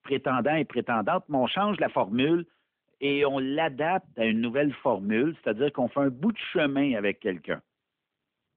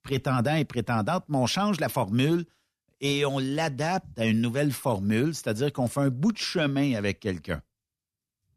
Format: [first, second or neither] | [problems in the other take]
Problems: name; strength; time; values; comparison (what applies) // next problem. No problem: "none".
second | phone-call audio; nothing above 3.5 kHz